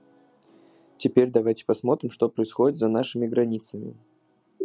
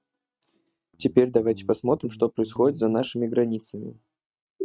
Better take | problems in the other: first | noise reduction (neural mask model RNNoise)

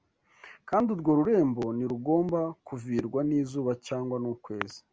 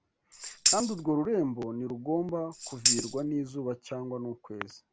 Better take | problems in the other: first | background sound (Tambourine); 2 dB above the speech

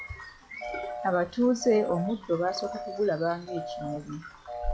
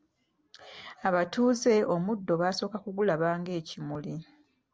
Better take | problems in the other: second | noise reduction (classical method log-MMSE)

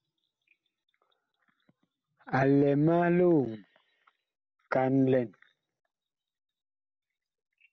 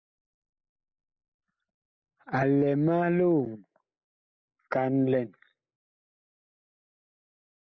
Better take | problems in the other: first | noise reduction (neural mask model Resemble Enhance denoiser)

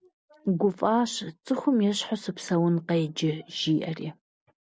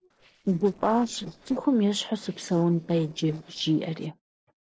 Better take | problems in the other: first | noise reduction (neural separator model SepFormer DNS4)

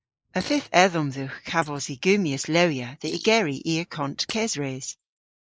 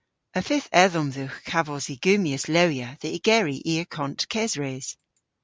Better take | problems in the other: second | noise reduction (neural mask model Resemble Enhance denoiser)

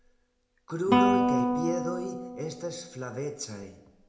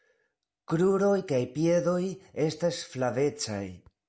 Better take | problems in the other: second | background sound (Guitar); 4 dB above the speech // room echo; dies away in 0.6 s

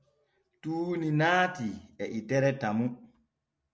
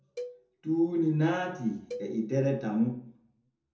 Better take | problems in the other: first | background sound (Cowbell); 17 dB below the speech // room echo; dies away in 0.6 s

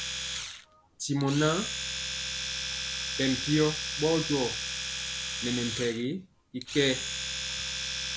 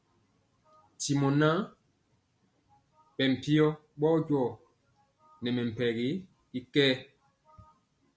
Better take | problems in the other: second | background sound (Domestic sounds, home sounds); 3 dB below the speech

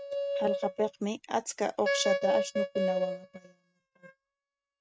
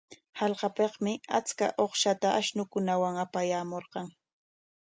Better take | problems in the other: second | noise reduction (neural mask model RNNoise)

